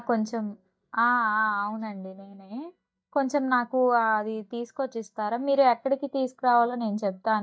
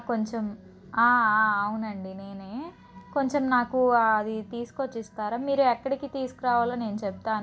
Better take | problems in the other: second | noise reduction (neural mask model DeepFilterNet 3)

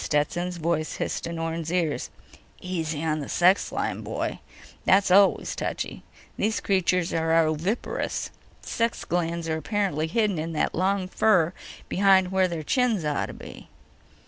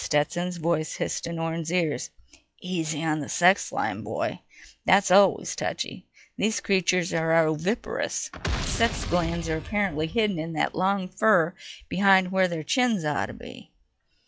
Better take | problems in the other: first | noise reduction (classical method log-MMSE)

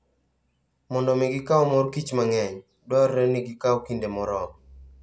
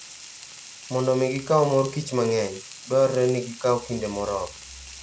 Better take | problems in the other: first | background sound (Frying (food)); 17 dB below the speech

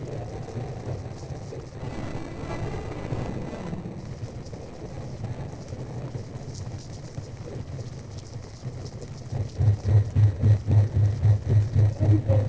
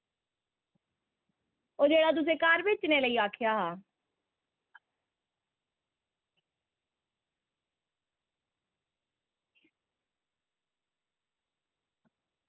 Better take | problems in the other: second | noise reduction (neural separator model SepFormer DNS4)

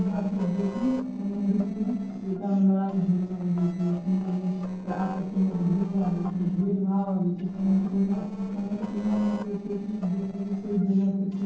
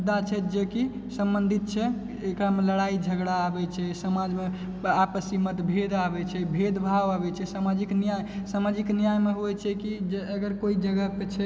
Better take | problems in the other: second | noise reduction (neural separator model SepFormer DNS4)

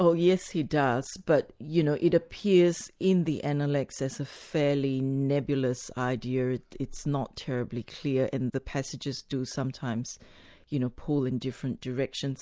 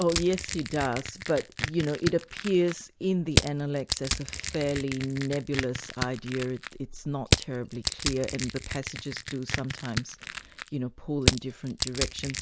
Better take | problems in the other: first | background sound (Crushing); 2 dB below the speech

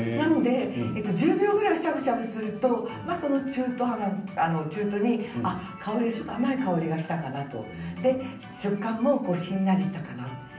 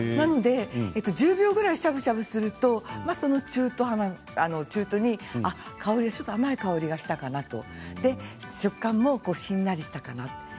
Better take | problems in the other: second | room echo; dies away in 0.6 s

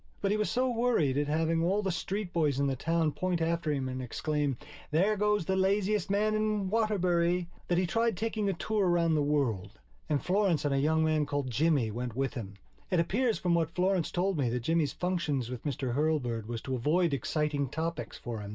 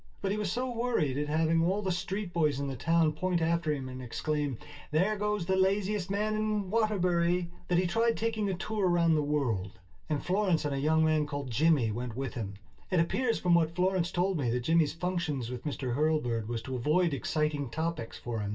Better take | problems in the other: first | room echo; dies away in 0.2 s

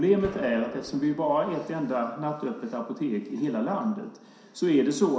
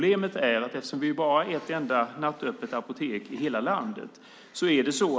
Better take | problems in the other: second | background sound (Gunshot, gunfire); 17 dB below the speech // room echo; dies away in 0.7 s

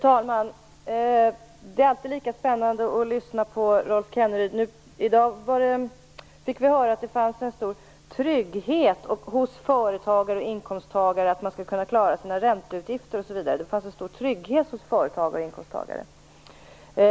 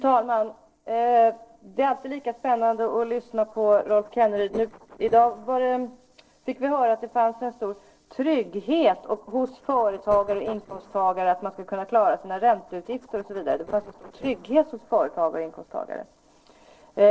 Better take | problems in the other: first | noise reduction (neural separator model SepFormer DNS4)

